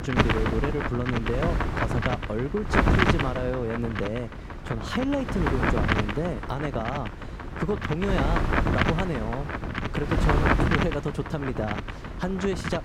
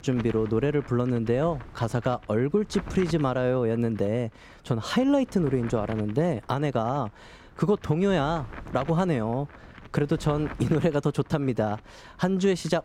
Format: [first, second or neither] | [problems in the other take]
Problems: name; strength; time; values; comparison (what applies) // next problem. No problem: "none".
second | wind noise on the microphone; heavy; 4 dB above the speech; occasional gusts in the second